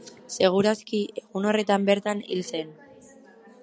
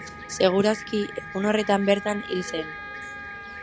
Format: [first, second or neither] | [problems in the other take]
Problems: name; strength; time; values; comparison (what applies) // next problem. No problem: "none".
first | background sound (Fixed-wing aircraft, airplane + Wind instrument, woodwind instrument); 12 dB below the speech